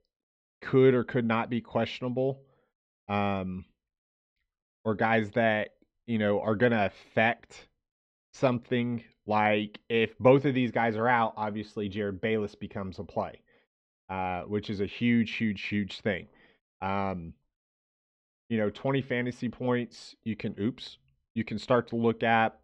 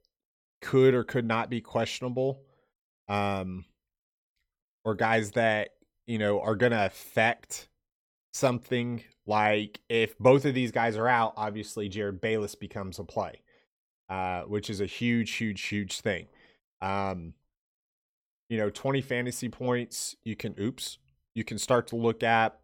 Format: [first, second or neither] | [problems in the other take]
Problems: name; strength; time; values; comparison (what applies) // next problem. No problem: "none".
second | muffled; slightly; fading above 3.5 kHz